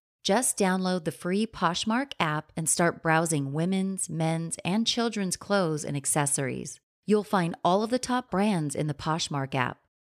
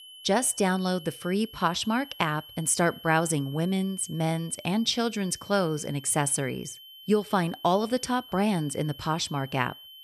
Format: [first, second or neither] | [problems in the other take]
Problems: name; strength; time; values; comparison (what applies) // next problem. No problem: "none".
first | high-pitched whine; noticeable; throughout; 3 kHz, 20 dB below the speech